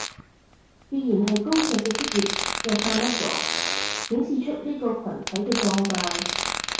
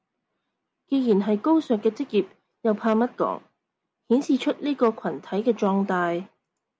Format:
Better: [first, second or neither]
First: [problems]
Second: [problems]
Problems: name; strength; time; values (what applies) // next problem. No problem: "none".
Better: second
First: background sound (Fart); 3 dB below the speech // room echo; dies away in 0.6 s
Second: none